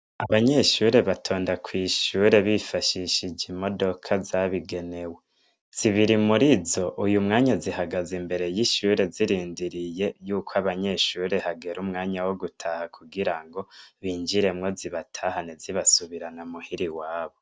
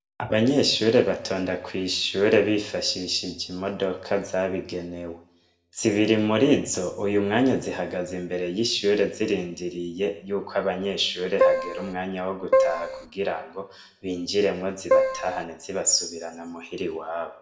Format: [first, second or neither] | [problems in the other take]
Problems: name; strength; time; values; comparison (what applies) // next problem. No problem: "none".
first | background sound (Keyboard (musical)); 3 dB above the speech // room echo; dies away in 0.6 s